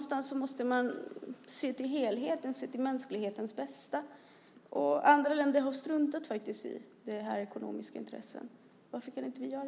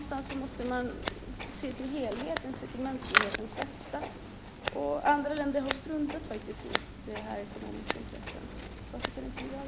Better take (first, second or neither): first